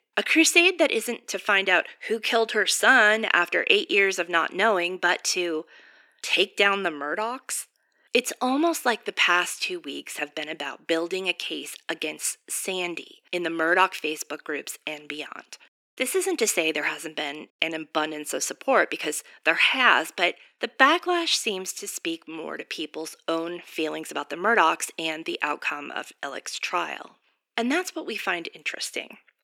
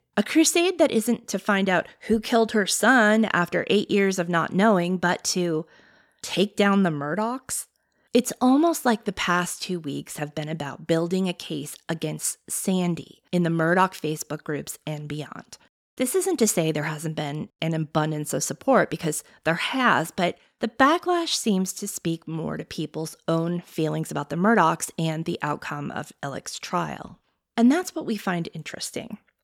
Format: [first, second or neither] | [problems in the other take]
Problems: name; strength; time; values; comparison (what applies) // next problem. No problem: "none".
second | thin; somewhat; fading below 300 Hz